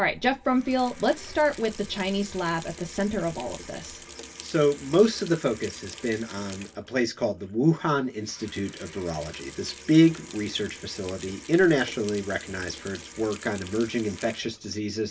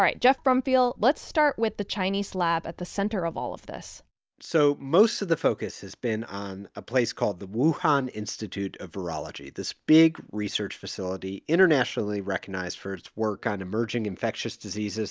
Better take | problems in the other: second | background sound (Sink (filling or washing) / Water tap, faucet); 18 dB below the speech // room echo; dies away in 0.1 s

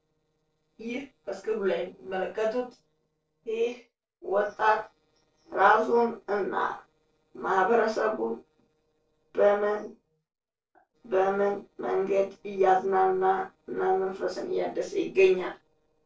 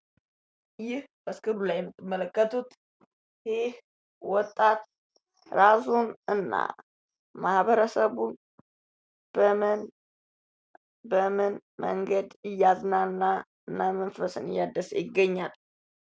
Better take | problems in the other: second | noise reduction (neural separator model SepFormer DNS4)

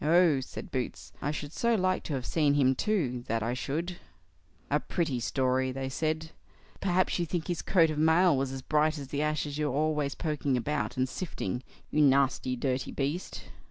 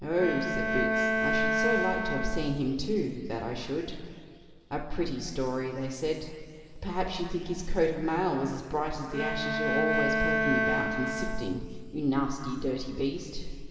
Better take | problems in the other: first | background sound (Bowed string instrument); as loud as the speech // room echo; dies away in 2.3 s

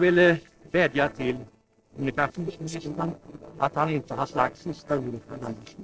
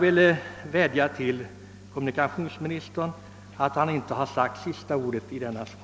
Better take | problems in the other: second | noise reduction (neural separator model SepFormer DNS4)

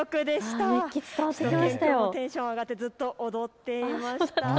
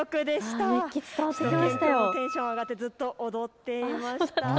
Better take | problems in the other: first | background sound (Wind instrument, woodwind instrument); 8 dB below the speech

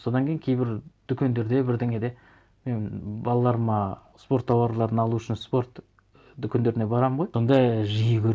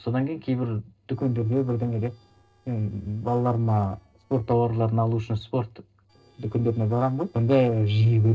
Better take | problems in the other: first | noise reduction (neural separator model SepFormer DNS4)

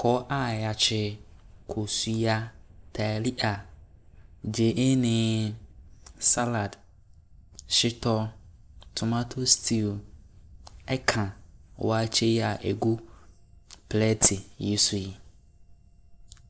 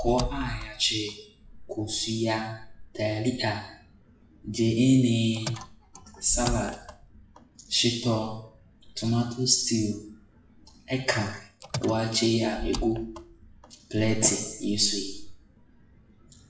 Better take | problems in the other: first | noise reduction (classical method WPE with log-MMSE)

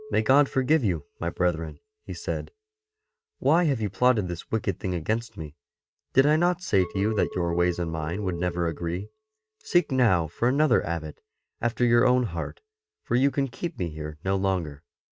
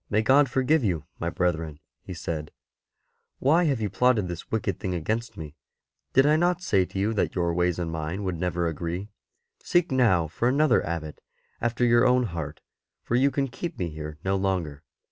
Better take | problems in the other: second | noise reduction (neural mask model RNNoise)

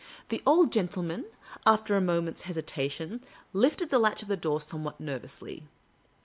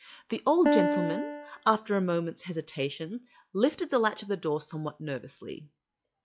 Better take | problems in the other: first | noise reduction (classical method log-MMSE)

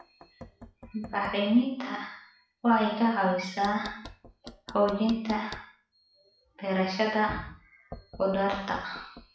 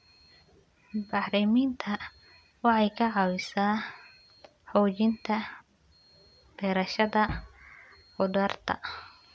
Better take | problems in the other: second | noise reduction (classical method WPE with log-MMSE)

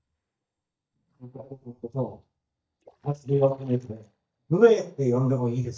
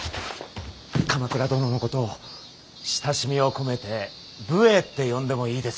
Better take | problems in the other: second | noise reduction (neural mask model DeepFilterNet 3)

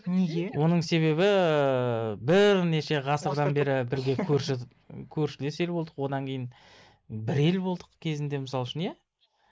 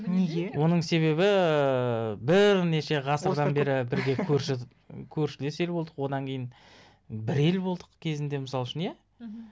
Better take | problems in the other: second | noise reduction (neural mask model Resemble Enhance denoiser)

